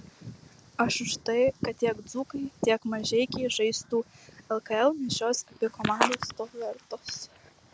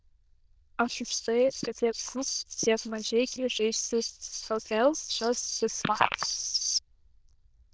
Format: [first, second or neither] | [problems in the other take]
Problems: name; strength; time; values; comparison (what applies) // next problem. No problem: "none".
first | noise reduction (neural diffusion model UNIVERSE++)